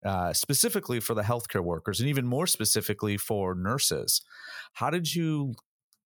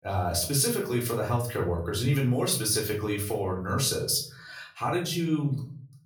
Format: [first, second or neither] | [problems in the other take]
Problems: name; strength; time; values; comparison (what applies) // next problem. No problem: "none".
first | off-mic speech; far // room echo; slight; dies away in 0.4 s